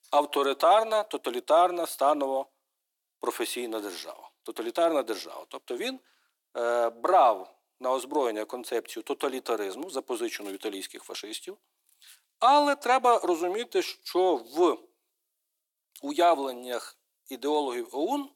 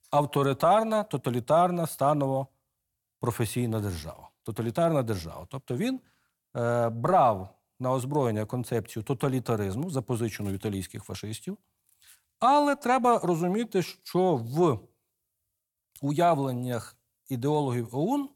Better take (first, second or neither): second